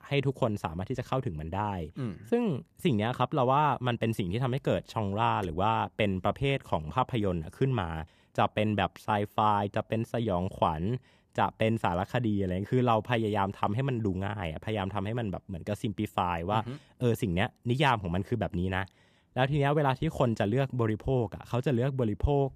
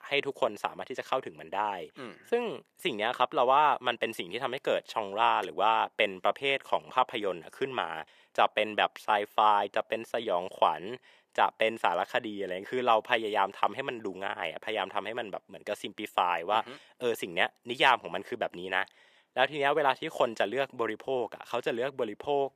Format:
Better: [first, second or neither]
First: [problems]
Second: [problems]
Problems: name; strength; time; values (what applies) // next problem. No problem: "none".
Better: first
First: none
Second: thin; very; fading below 500 Hz